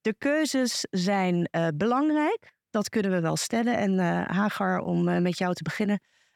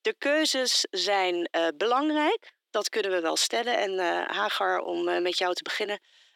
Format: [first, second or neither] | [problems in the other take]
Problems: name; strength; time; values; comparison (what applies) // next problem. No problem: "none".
first | thin; very; fading below 350 Hz